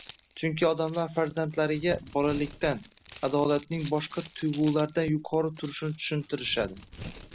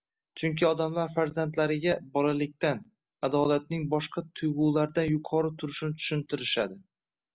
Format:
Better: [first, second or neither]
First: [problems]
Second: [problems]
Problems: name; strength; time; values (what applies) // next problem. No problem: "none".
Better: second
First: background sound (Crumpling, crinkling); 18 dB below the speech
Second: none